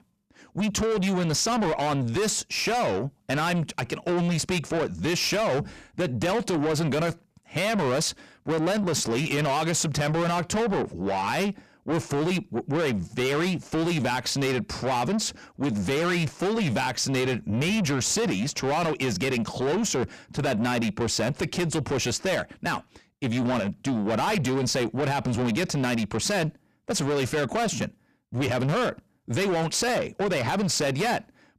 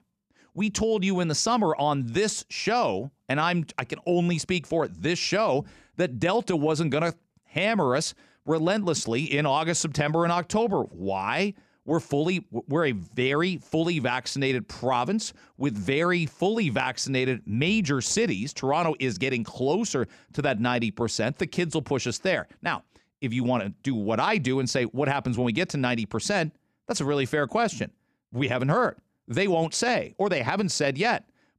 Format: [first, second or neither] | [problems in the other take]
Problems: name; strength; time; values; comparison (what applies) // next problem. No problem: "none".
second | distortion; heavy; 7 dB below the speech